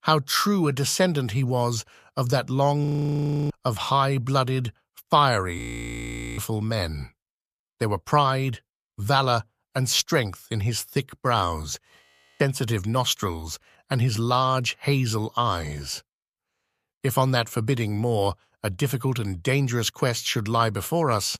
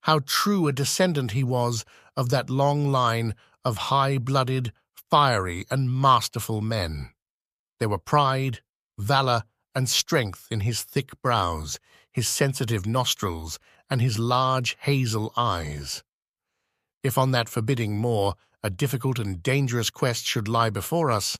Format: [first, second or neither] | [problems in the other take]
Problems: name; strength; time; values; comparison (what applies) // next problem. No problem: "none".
second | audio freezing; at 3 s for 0.5 s, at 5.5 s for 1 s and at 12 s